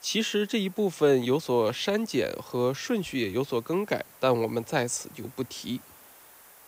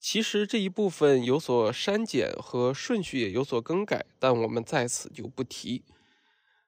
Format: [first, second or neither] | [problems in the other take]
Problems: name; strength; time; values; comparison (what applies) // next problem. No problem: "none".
second | hiss; faint; throughout; 25 dB below the speech